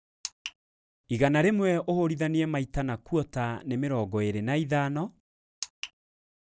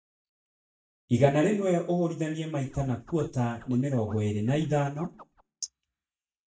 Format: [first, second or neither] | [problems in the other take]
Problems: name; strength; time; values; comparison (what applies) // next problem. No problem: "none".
first | noise reduction (neural mask model DeepFilterNet 3)